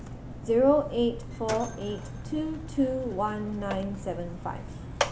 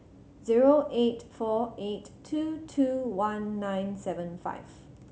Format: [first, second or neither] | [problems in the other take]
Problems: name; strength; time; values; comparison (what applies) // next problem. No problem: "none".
second | background sound (Mechanisms); 8 dB below the speech